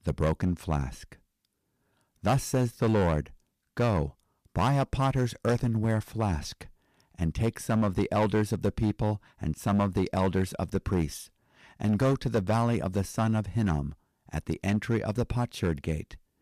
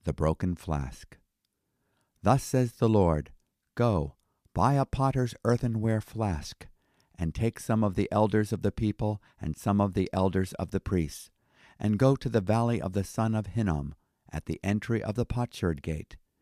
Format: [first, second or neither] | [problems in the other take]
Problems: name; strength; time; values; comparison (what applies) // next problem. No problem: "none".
second | distortion; slight; 6% of the sound clipped